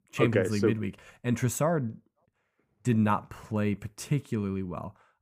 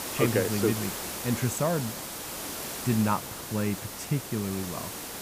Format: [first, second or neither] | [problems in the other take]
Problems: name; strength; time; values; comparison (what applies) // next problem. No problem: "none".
first | hiss; loud; throughout; 5 dB below the speech